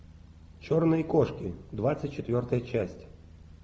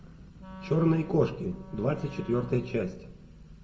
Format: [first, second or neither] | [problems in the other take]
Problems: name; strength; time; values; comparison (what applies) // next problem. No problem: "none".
first | background sound (Wind instrument, woodwind instrument); 17 dB below the speech // room echo; dies away in 0.5 s